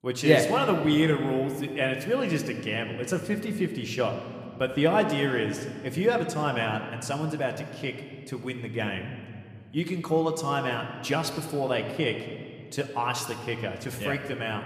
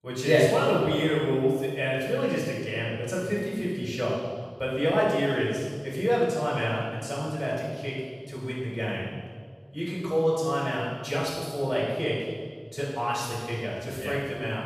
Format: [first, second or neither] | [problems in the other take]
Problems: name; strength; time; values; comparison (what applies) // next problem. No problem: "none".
first | room echo; strong; dies away in 1.5 s; slight in the first // off-mic speech; far